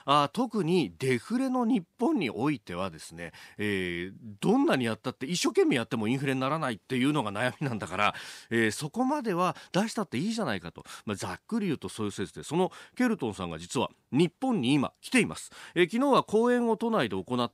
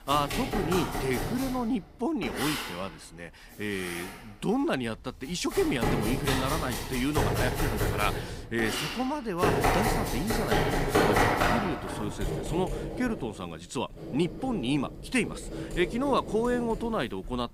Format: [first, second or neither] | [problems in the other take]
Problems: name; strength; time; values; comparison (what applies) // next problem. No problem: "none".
first | household noises; very loud; throughout; 1 dB above the speech